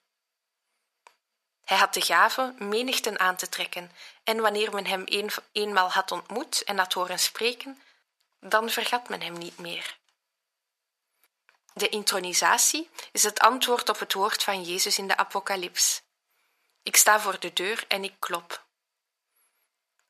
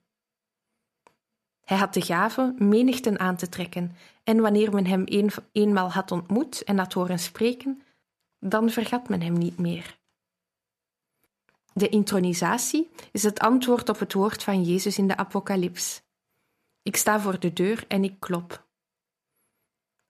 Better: second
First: thin; very; fading below 750 Hz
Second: none

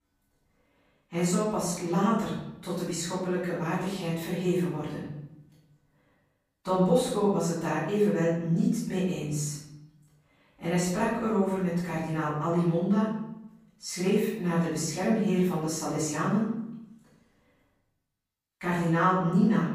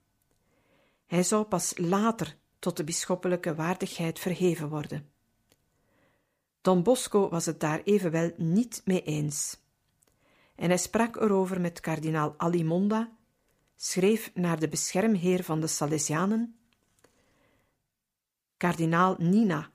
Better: second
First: off-mic speech; far // room echo; noticeable; dies away in 0.8 s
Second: none

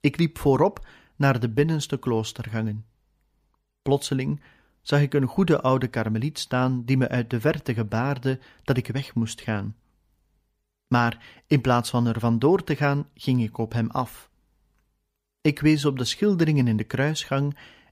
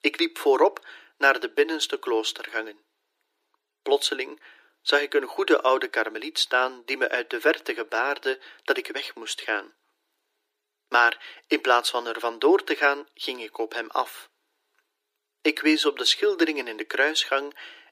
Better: first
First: none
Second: thin; very; fading below 300 Hz

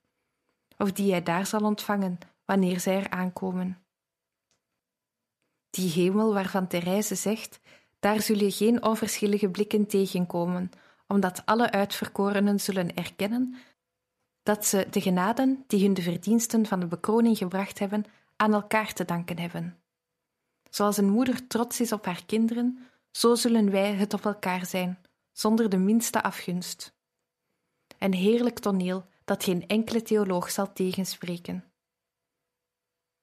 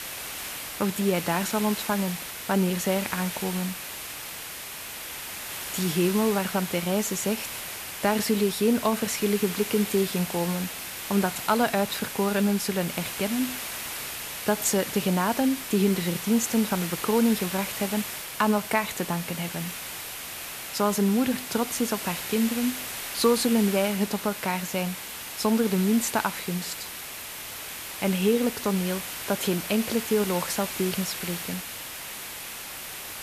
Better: first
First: none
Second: hiss; loud; throughout; 7 dB below the speech

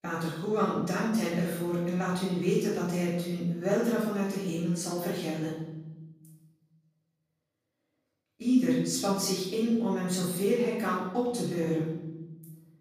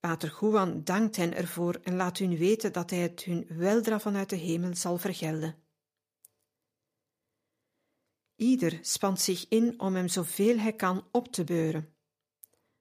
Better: second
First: off-mic speech; far // room echo; noticeable; dies away in 1 s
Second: none

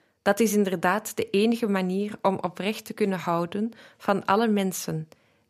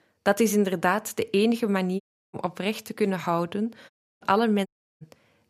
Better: first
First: none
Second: audio cutting out; at 2 s, at 4 s and at 4.5 s

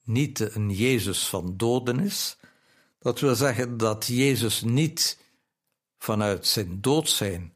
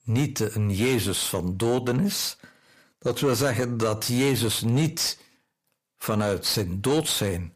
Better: first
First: none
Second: distortion; slight; 10 dB below the speech

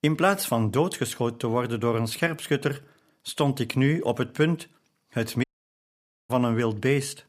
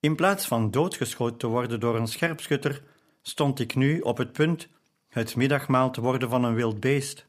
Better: second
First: audio cutting out; at 5.5 s for 1 s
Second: none

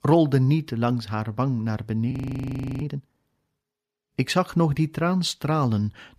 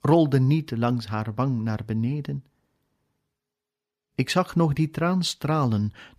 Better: second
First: audio freezing; at 2 s for 0.5 s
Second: none

